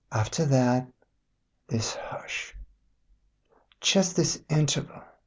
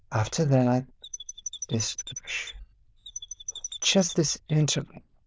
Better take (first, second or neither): first